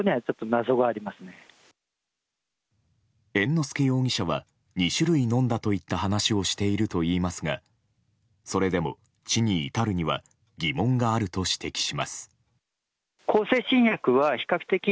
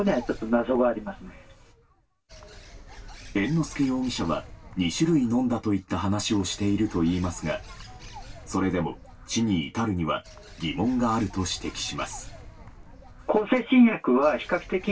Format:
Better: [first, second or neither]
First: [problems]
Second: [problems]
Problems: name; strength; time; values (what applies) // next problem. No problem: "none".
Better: first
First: none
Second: background sound (Bird); 18 dB below the speech // room echo; dies away in 0.1 s